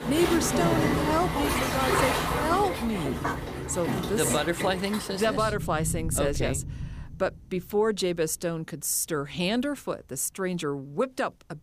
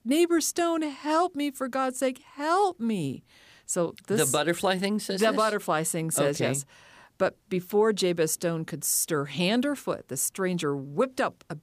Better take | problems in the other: second | rain or running water; loud; throughout; 1 dB below the speech

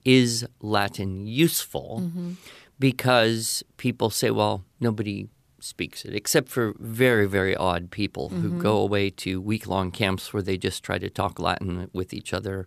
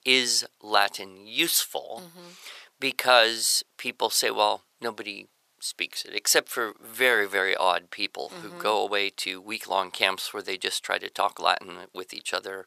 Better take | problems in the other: first | thin; very; fading below 750 Hz

